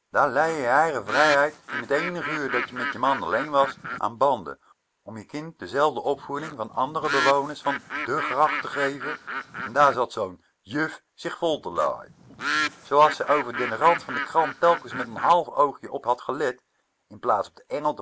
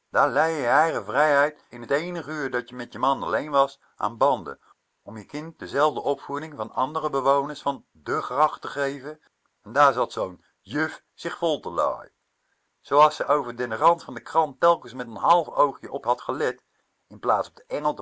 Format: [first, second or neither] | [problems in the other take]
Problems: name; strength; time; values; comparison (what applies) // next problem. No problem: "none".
second | background sound (Bird); 6 dB below the speech